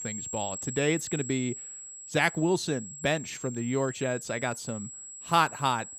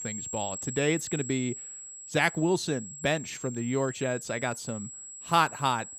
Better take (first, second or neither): neither